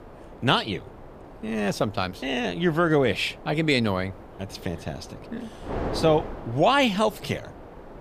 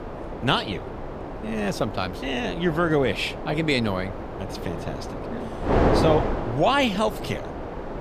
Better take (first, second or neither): first